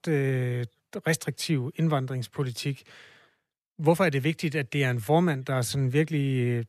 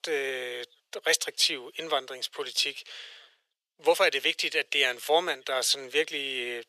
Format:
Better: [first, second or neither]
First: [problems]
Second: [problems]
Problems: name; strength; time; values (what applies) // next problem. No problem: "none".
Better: first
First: none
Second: thin; very; fading below 450 Hz